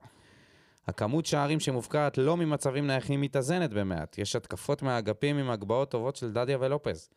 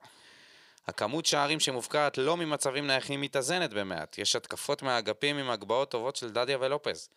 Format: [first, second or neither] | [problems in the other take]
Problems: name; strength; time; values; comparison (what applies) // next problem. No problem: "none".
first | thin; somewhat; fading below 850 Hz